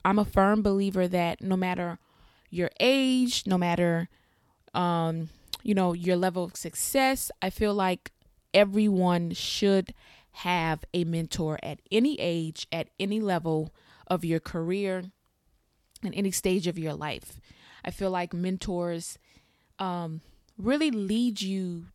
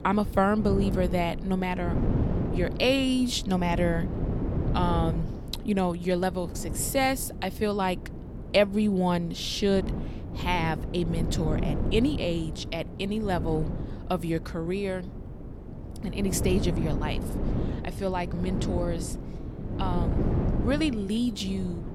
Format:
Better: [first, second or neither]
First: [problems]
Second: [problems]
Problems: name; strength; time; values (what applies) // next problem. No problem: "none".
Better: first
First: none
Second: wind noise on the microphone; occasional gusts; 10 dB below the speech